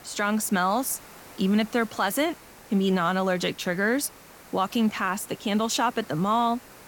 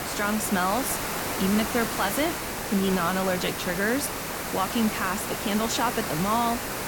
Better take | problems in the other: first | hiss; loud; throughout; 3 dB below the speech; faint in the first

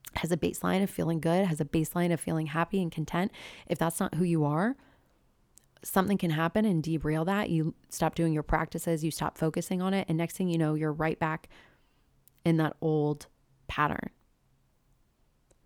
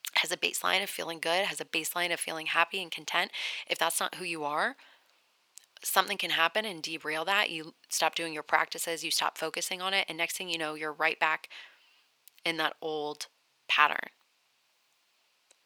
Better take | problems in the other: first | thin; very; fading below 750 Hz

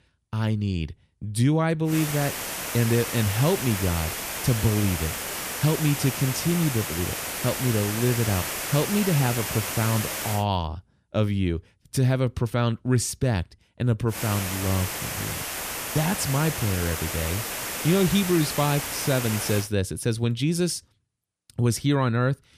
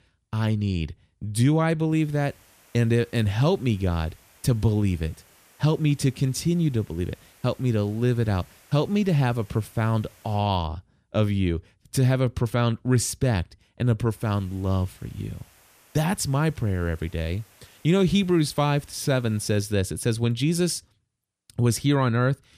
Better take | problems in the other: second | hiss; loud; from 2 to 10 s and from 14 to 20 s; 4 dB below the speech; faint in the second

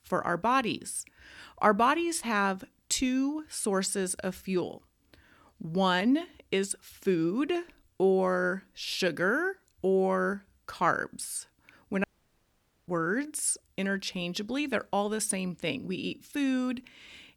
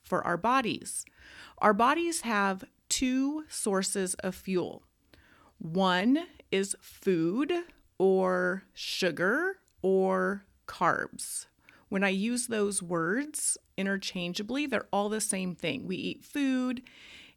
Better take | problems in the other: second | audio cutting out; at 12 s for 1 s

